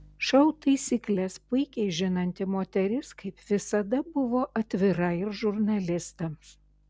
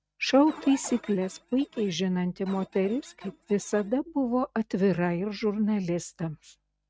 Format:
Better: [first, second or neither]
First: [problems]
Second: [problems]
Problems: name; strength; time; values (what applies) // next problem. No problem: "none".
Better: first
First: none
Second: noise reduction (neural mask model RNNoise)